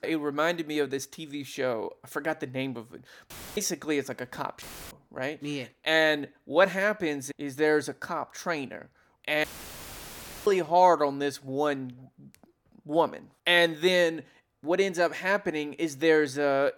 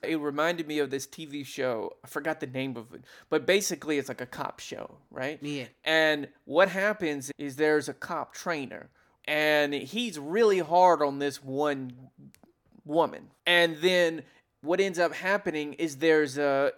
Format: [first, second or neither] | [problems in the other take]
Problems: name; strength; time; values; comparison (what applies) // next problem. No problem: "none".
second | audio cutting out; filled with static; at 3.5 s, at 4.5 s and at 9.5 s for 1 s